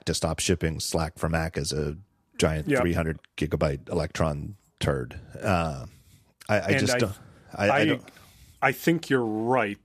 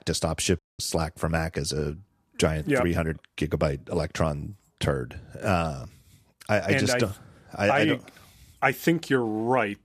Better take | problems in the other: first | audio cutting out; at 0.5 s

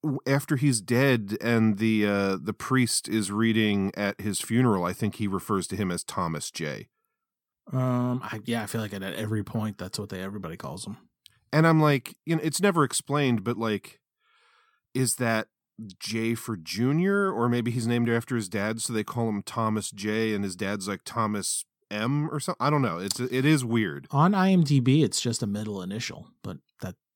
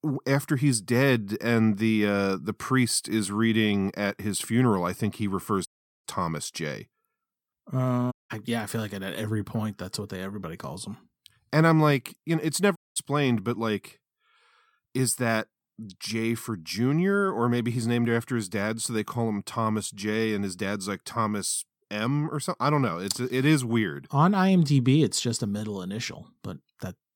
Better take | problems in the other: first | audio cutting out; at 5.5 s, at 8 s and at 13 s

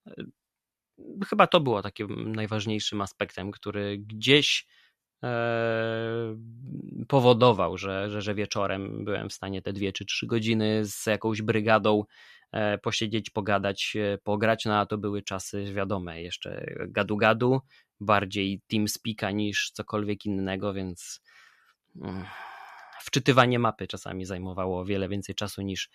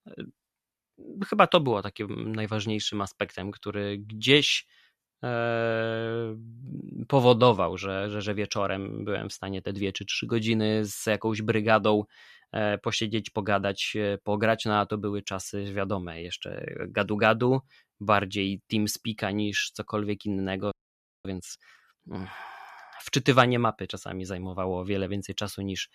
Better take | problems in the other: first | audio freezing; at 21 s for 0.5 s

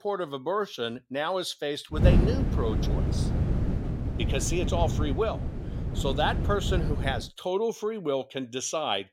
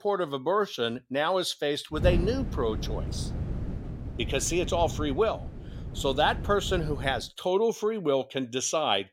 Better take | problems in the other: second | wind noise on the microphone; heavy; from 2 to 7 s; 7 dB below the speech; occasional gusts in the second

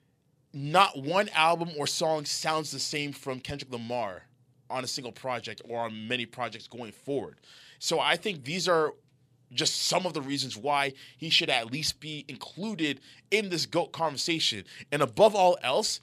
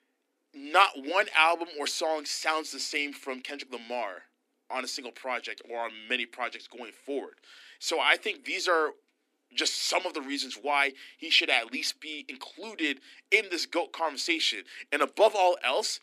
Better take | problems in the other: first | thin; very slightly; fading below 250 Hz

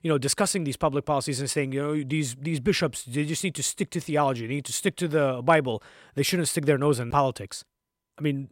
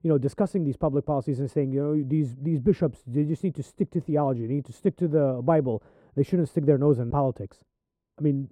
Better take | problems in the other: first | muffled; very; fading above 1 kHz

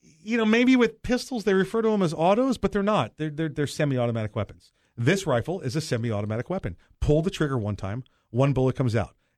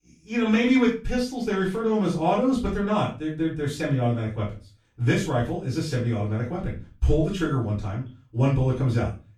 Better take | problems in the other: first | off-mic speech; far // room echo; slight; dies away in 0.3 s

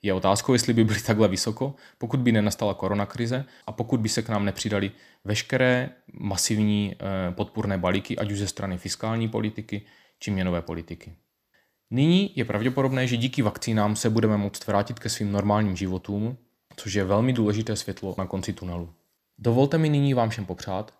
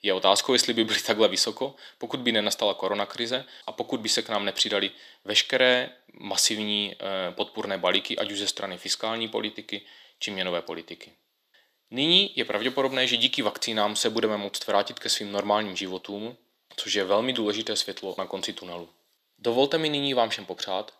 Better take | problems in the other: first | thin; somewhat; fading below 400 Hz

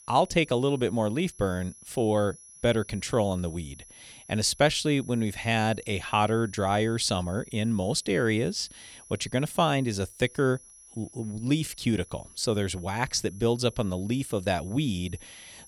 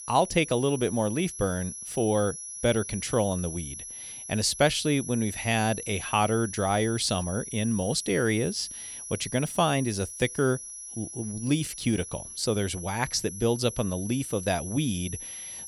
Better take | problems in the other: first | high-pitched whine; loud; throughout; 11 kHz, 9 dB below the speech; faint in the first

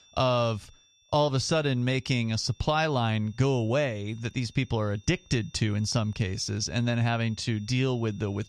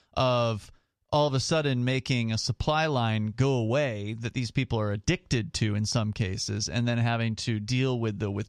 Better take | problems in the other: second | high-pitched whine; faint; throughout; 3.5 kHz, 30 dB below the speech

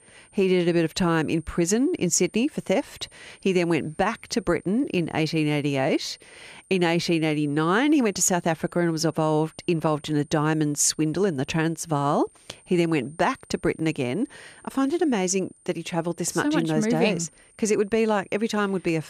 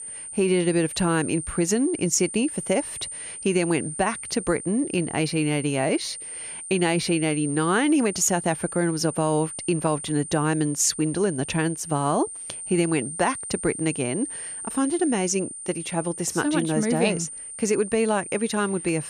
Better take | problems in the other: first | high-pitched whine; loud; throughout; 9 kHz, 9 dB below the speech; faint in the first

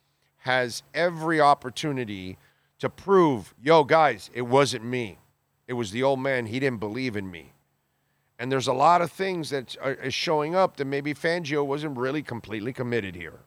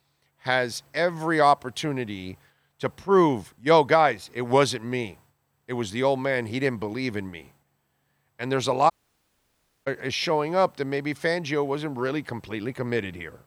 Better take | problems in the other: first | audio cutting out; at 9 s for 1 s

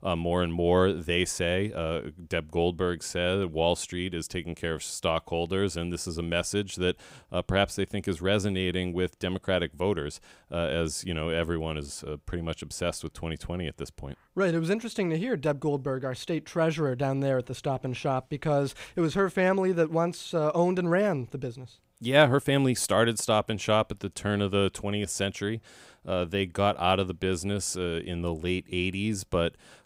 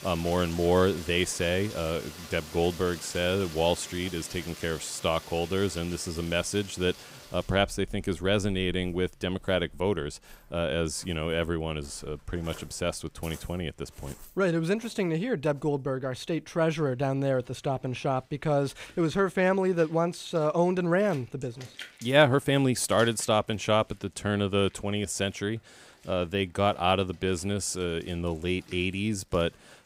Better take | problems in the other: first | rain or running water; noticeable; throughout; 20 dB below the speech

